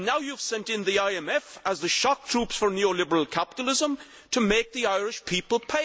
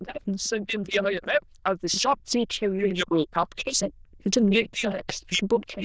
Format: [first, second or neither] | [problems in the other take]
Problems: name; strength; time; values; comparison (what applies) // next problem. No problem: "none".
first | noise reduction (neural diffusion model UNIVERSE++)